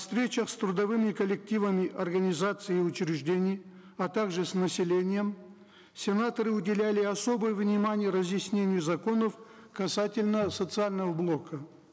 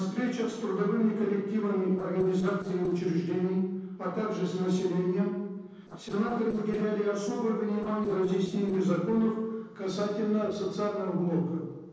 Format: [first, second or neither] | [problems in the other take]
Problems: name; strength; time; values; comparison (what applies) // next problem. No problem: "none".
first | noise reduction (neural separator model SepFormer DNS4)